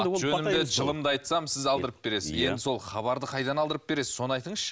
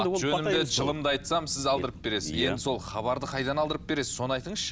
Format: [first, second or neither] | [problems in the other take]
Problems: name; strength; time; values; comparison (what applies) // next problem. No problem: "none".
first | background sound (Wind); 17 dB below the speech